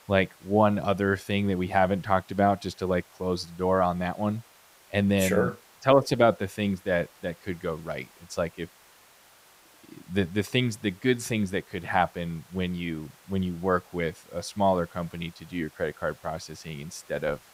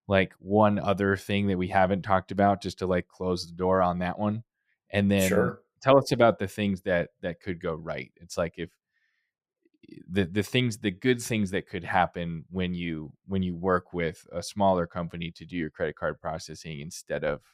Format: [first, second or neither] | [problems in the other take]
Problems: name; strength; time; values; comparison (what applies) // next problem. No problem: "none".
second | hiss; faint; throughout; 25 dB below the speech